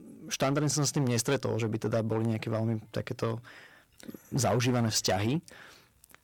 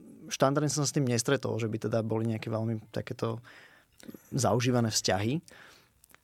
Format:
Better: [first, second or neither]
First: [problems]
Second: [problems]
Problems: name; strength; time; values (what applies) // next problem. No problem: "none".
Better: second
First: distortion; slight; 7% of the sound clipped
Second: none